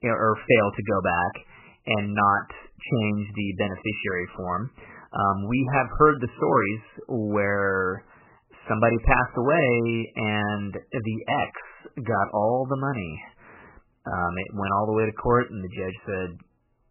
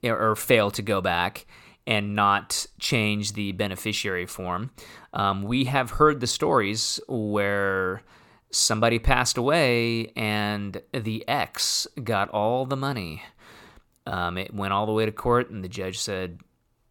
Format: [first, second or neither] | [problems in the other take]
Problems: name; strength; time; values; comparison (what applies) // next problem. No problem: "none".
second | garbled, watery; badly; nothing above 3 kHz